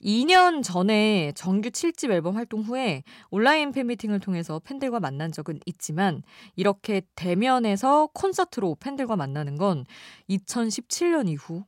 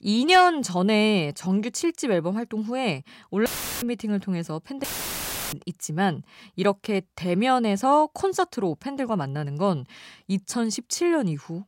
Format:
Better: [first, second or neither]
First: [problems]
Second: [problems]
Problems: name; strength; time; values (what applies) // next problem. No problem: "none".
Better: first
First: none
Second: audio cutting out; filled with static; at 3.5 s and at 5 s for 0.5 s